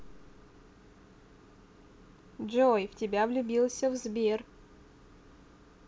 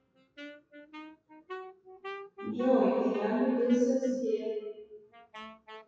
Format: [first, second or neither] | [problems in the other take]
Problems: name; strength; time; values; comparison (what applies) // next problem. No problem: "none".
first | noise reduction (classical method WPE with log-MMSE)